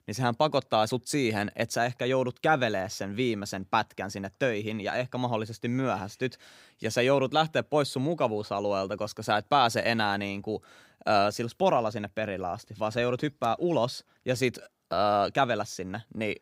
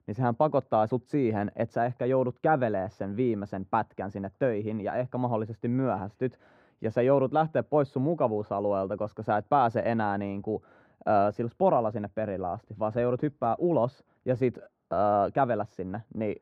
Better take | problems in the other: first | muffled; very; fading above 2.5 kHz

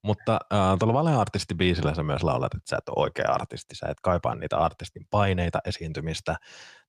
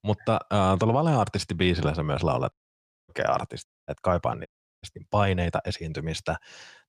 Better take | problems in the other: first | audio cutting out; at 2.5 s for 0.5 s, at 3.5 s and at 4.5 s

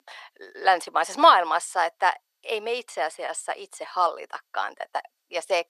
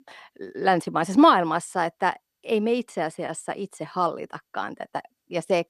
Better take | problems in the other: second | thin; very; fading below 600 Hz

